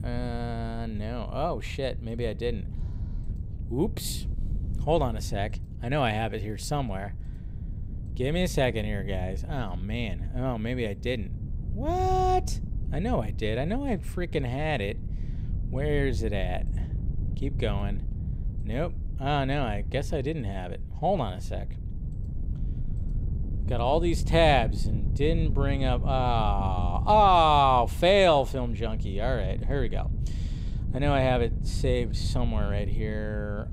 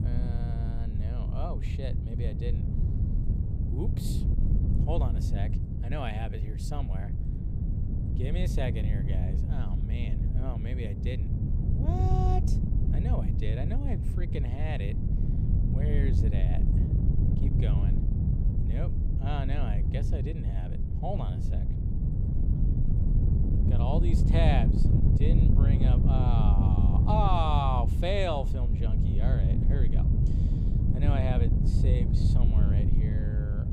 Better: first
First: wind noise on the microphone; occasional gusts; 20 dB below the speech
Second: wind noise on the microphone; heavy; 4 dB below the speech

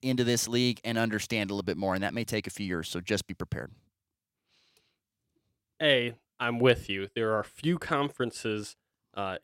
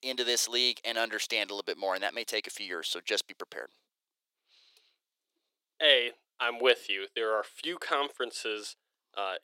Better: first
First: none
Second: thin; very; fading below 400 Hz

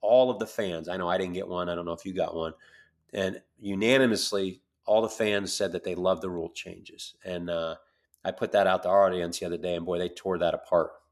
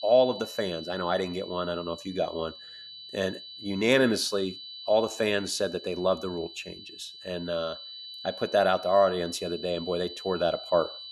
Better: first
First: none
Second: high-pitched whine; noticeable; throughout; 4 kHz, 15 dB below the speech

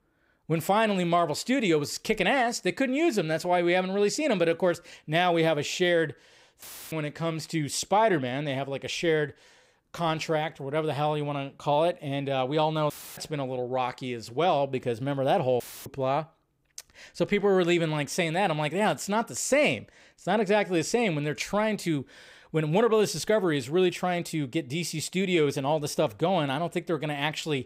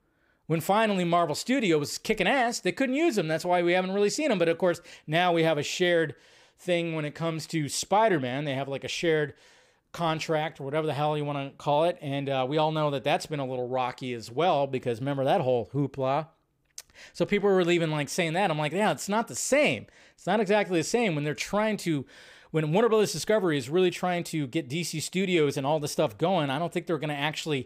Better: second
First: audio cutting out; filled with static; at 6.5 s, at 13 s and at 16 s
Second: none

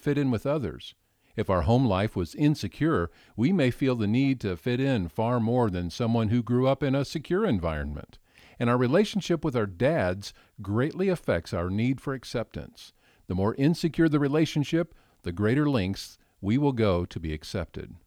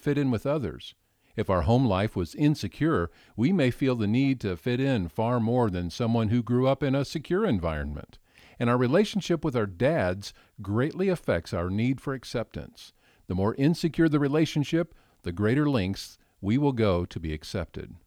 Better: neither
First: none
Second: none

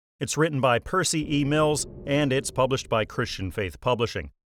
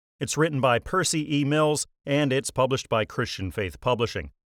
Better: second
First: low rumble; faint; from 1 to 3.5 s; 25 dB below the speech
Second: none

